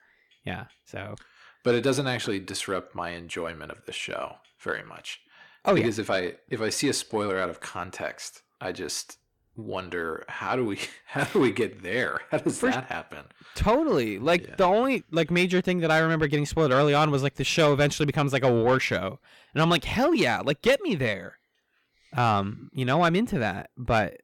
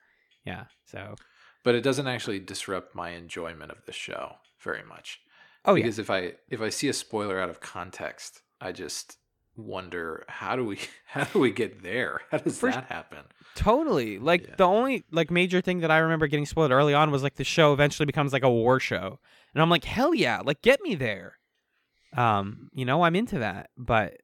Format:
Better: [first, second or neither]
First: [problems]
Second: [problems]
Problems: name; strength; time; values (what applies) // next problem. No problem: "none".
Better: second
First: distortion; slight; 10 dB below the speech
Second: none